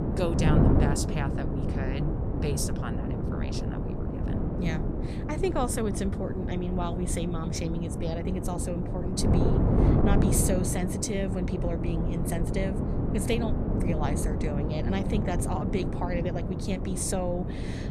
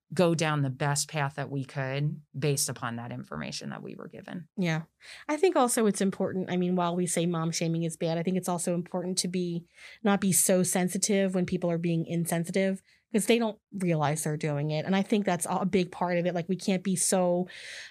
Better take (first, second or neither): second